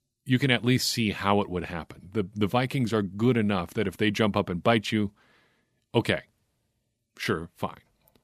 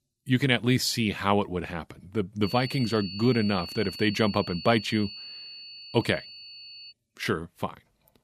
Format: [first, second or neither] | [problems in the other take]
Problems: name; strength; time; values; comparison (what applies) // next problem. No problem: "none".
first | high-pitched whine; noticeable; from 2.5 to 7 s; 4.5 kHz, 10 dB below the speech